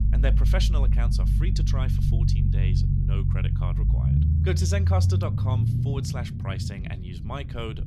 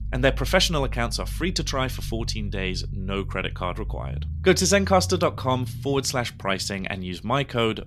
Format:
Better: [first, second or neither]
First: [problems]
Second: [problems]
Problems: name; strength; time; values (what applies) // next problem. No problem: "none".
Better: second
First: low rumble; loud; throughout; 2 dB below the speech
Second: low rumble; faint; throughout; 25 dB below the speech